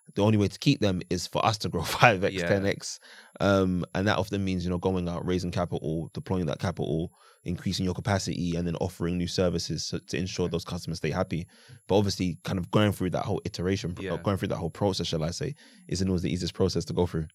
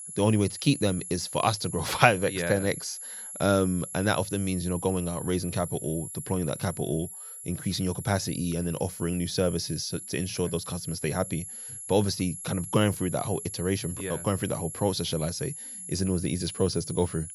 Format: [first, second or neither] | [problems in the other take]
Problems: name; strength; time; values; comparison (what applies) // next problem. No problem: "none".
first | high-pitched whine; loud; throughout; 11 kHz, 9 dB below the speech; faint in the first